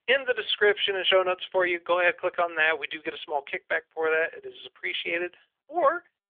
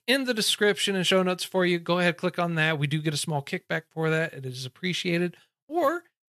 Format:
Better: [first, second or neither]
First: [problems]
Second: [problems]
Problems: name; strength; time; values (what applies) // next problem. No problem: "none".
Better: second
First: phone-call audio; nothing above 3.5 kHz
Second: none